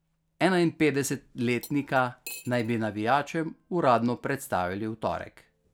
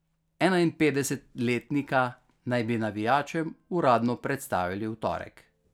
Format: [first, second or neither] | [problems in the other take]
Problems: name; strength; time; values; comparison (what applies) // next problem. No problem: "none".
second | background sound (Cutlery, silverware); 19 dB below the speech